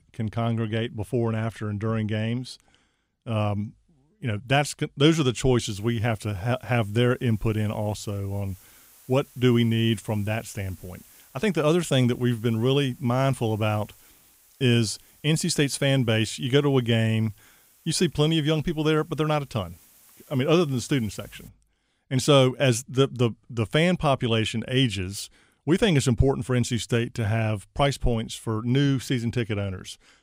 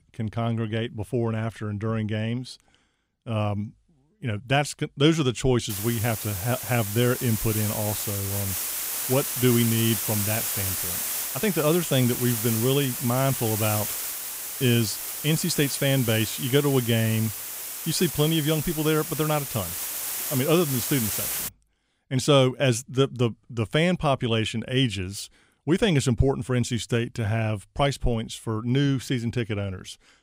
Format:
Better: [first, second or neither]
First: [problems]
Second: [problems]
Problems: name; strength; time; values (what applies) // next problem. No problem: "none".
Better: first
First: hiss; faint; from 5.5 to 21 s; 30 dB below the speech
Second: hiss; loud; from 5.5 to 21 s; 3 dB below the speech